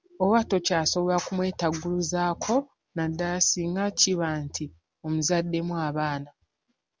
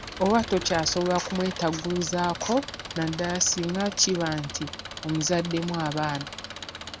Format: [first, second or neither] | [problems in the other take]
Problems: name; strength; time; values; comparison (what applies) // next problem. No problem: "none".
first | background sound (Engine); 11 dB below the speech